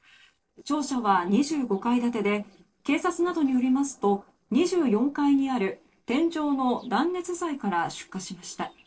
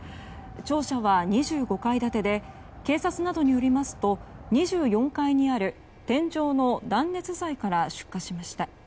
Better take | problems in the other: second | noise reduction (neural separator model SepFormer DNS4)

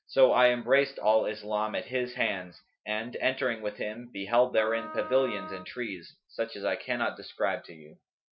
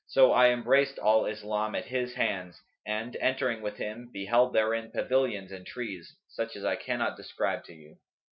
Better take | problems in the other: second | background sound (Wind instrument, woodwind instrument); 13 dB below the speech

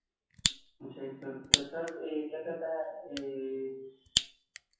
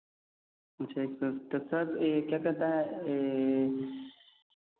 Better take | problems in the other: second | noise reduction (classical method WPE with log-MMSE)

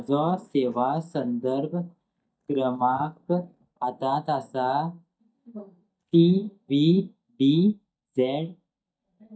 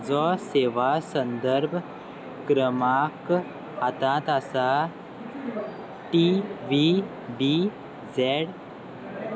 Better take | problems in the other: second | noise reduction (neural mask model DeepFilterNet 3)

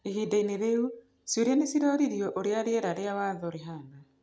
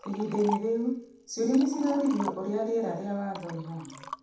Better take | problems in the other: first | background sound (Liquid); 12 dB below the speech // room echo; dies away in 0.7 s

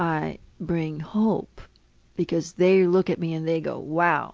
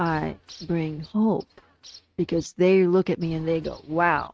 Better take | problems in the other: first | noise reduction (neural mask model RNNoise)

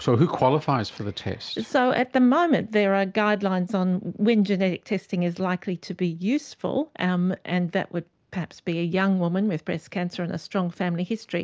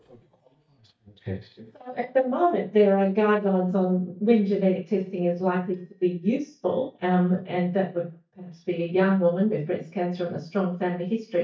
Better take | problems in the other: first | noise reduction (neural mask model DeepFilterNet 3)

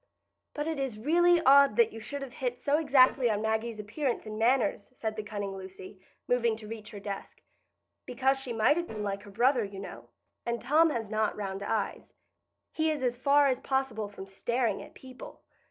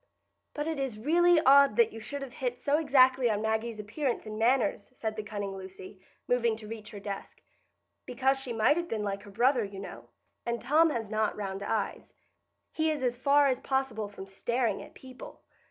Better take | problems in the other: second | noise reduction (neural separator model SepFormer DNS4)

